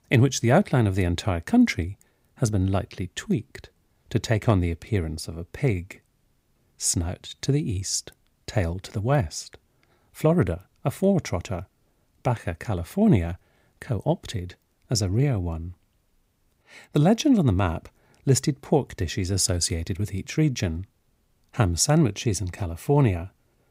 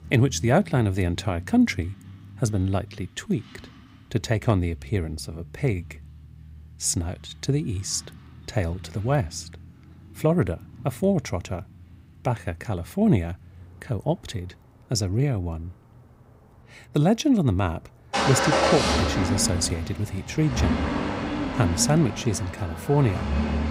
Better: first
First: none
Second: traffic noise; loud; throughout; 2 dB below the speech

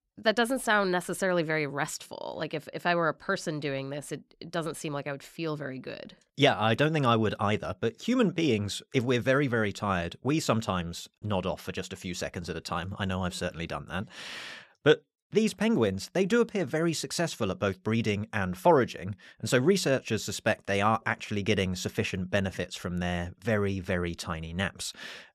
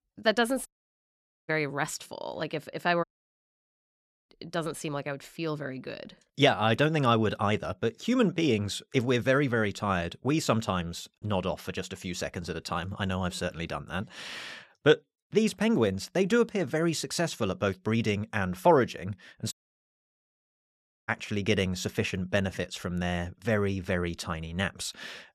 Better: first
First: none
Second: audio cutting out; at 0.5 s for 1 s, at 3 s for 1.5 s and at 20 s for 1.5 s

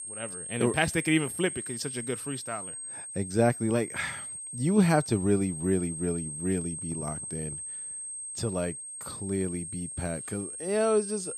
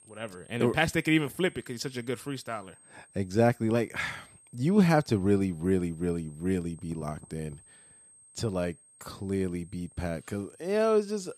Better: second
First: high-pitched whine; loud; throughout; 8.5 kHz, 7 dB below the speech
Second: high-pitched whine; faint; throughout; 8.5 kHz, 25 dB below the speech

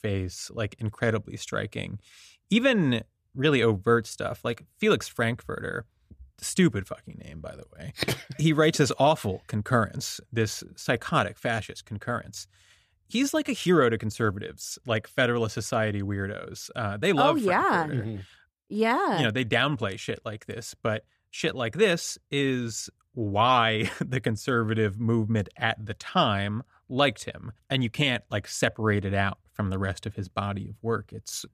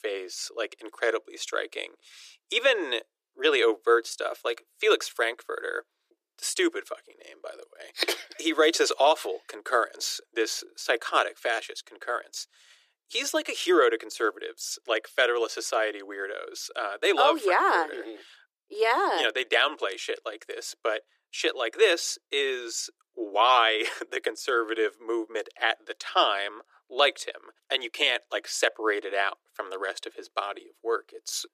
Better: first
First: none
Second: thin; very; fading below 350 Hz

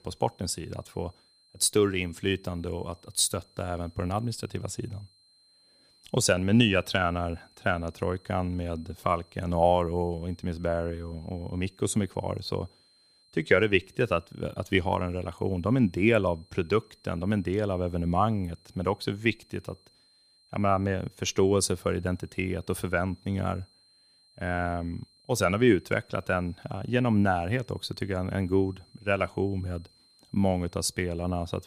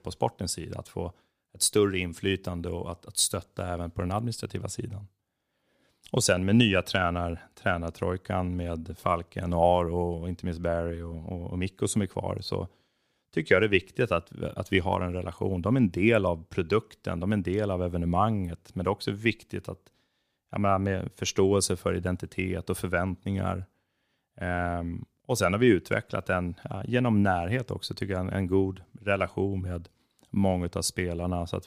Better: second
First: high-pitched whine; faint; throughout; 4 kHz, 30 dB below the speech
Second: none

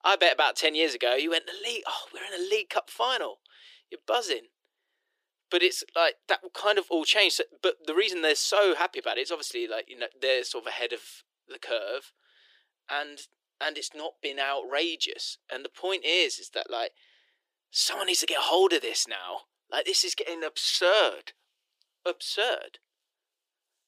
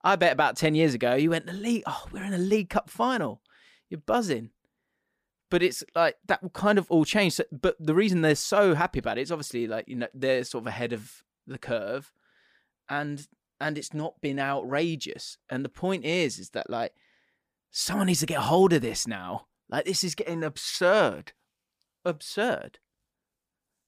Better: second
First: thin; very; fading below 350 Hz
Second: none

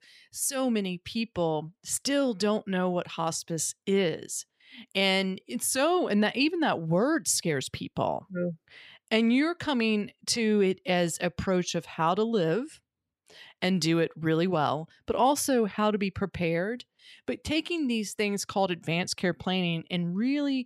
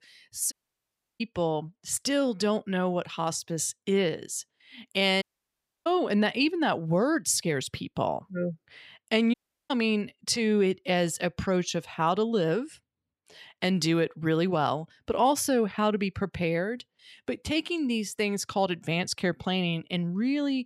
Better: first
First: none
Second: audio cutting out; at 0.5 s for 0.5 s, at 5 s for 0.5 s and at 9.5 s

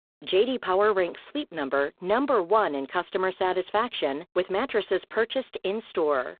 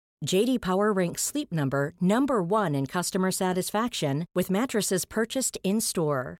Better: second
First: phone-call audio; poor line; nothing above 3.5 kHz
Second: none

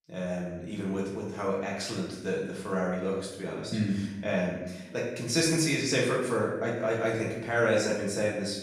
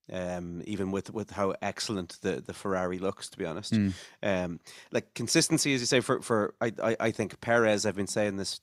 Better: second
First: room echo; noticeable; dies away in 0.9 s // off-mic speech; far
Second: none

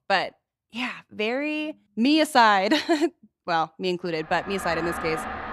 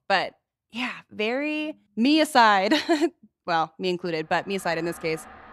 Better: second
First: household noises; loud; from 4.5 s on; 9 dB below the speech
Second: household noises; faint; from 4.5 s on; 20 dB below the speech

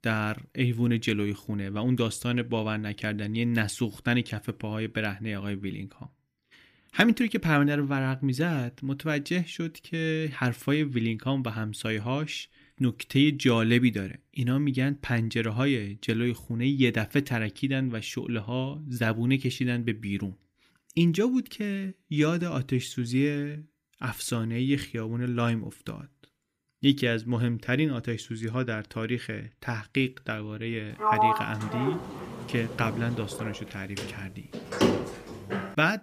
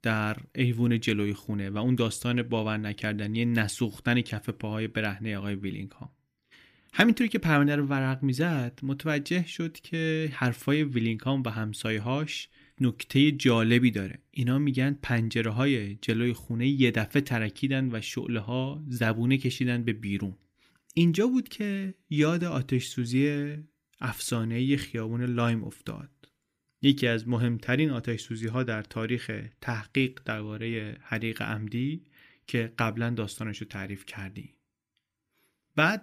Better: second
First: door banging; loud; from 31 s on; peak 5 dB above the speech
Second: none

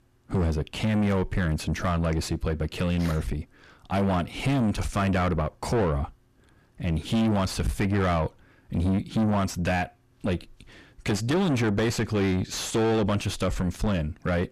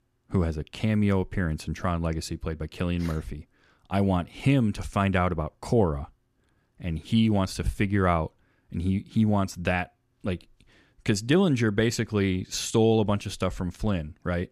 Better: second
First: distortion; heavy; 5 dB below the speech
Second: none

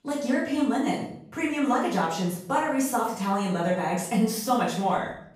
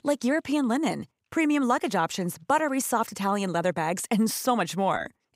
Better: second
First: off-mic speech; far // room echo; noticeable; dies away in 0.6 s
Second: none

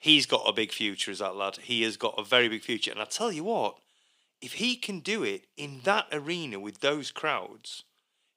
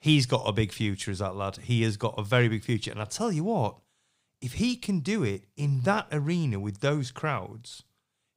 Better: second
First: thin; somewhat; fading below 300 Hz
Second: none

